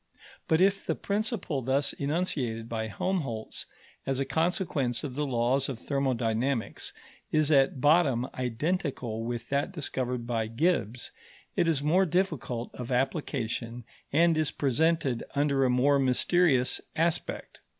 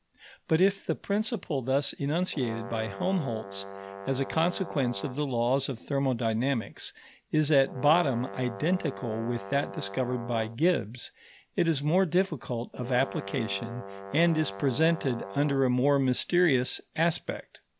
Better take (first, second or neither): first